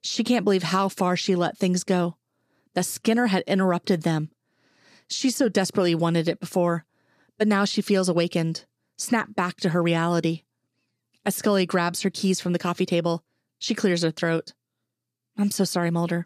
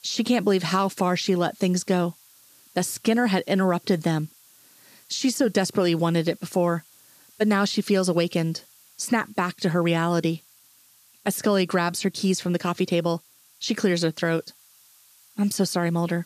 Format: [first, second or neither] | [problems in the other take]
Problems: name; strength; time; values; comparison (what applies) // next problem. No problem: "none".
first | hiss; faint; throughout; 30 dB below the speech